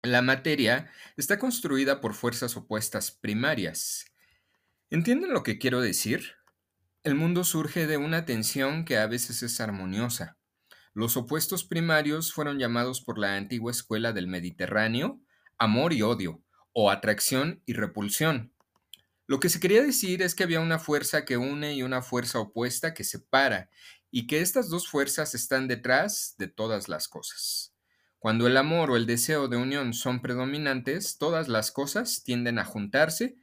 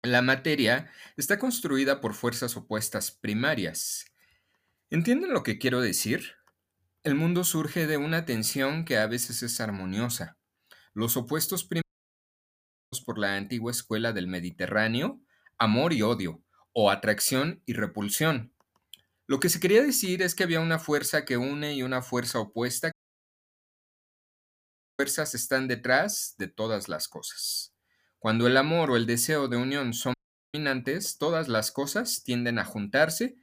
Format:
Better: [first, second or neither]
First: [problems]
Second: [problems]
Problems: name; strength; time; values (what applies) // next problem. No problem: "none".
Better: first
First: none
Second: audio cutting out; at 12 s for 1 s, at 23 s for 2 s and at 30 s